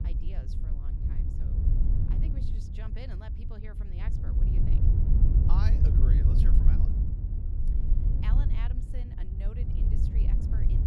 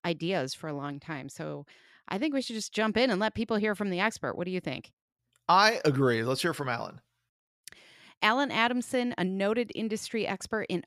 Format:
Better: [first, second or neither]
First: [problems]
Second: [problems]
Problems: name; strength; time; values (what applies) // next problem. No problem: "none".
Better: second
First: wind noise on the microphone; heavy; 4 dB above the speech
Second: none